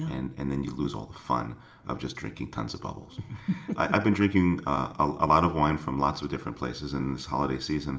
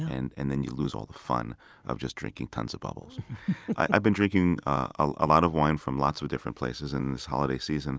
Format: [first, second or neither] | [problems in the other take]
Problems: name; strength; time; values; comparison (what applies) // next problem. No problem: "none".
second | room echo; dies away in 1.2 s